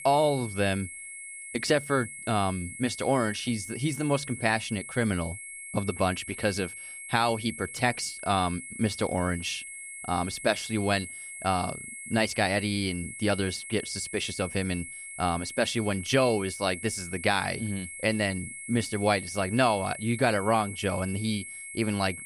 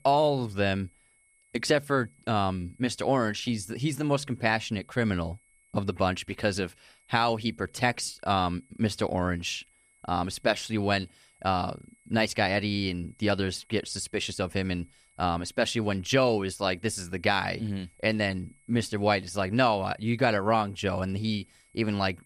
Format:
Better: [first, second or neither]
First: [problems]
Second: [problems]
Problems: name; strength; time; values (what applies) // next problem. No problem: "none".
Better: second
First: high-pitched whine; loud; throughout; 2 kHz, 10 dB below the speech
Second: high-pitched whine; faint; throughout; 2 kHz, 35 dB below the speech